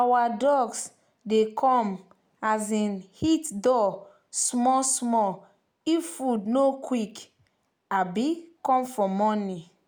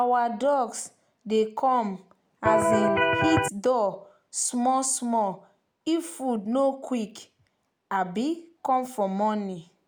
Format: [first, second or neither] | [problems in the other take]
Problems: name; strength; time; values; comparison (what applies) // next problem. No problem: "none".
first | background sound (Electric guitar); 5 dB above the speech